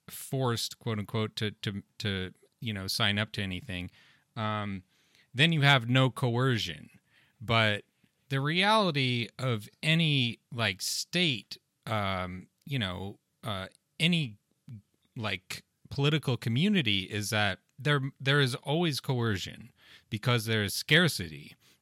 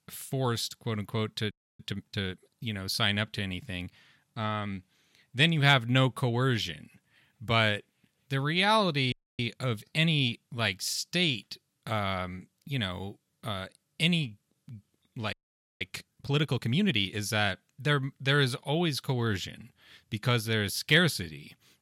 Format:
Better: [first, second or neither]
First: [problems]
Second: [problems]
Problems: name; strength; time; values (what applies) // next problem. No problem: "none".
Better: first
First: none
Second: audio freezing; at 1.5 s, at 9 s and at 15 s